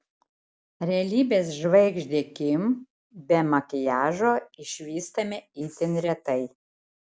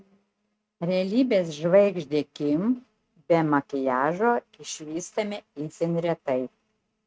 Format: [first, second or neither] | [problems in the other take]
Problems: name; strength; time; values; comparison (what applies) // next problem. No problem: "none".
first | noise reduction (neural mask model RNNoise)